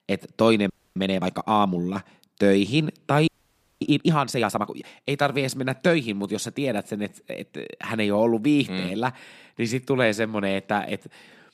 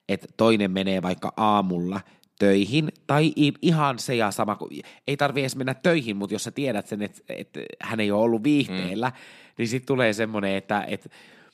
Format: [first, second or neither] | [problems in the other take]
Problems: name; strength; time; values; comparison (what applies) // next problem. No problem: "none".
second | audio freezing; at 0.5 s and at 3.5 s for 0.5 s